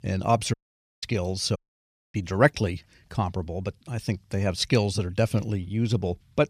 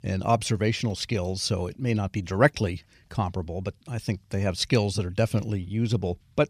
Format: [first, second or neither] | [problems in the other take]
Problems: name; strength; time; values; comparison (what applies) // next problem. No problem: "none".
second | audio cutting out; at 0.5 s and at 1.5 s for 0.5 s